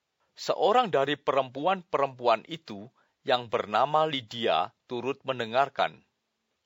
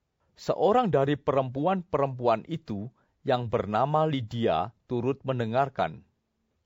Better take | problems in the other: second | thin; somewhat; fading below 800 Hz

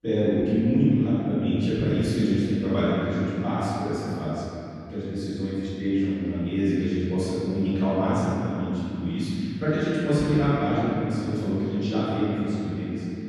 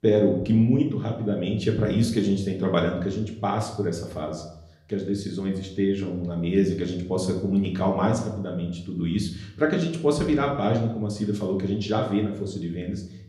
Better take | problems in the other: second | room echo; strong; dies away in 3 s; slight in the second // off-mic speech; far; somewhat distant in the second

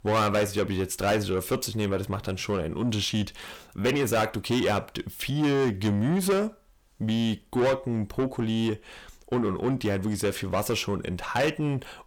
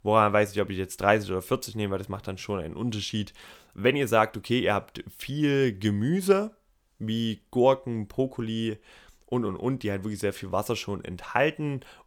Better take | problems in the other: second | distortion; heavy; 6 dB below the speech

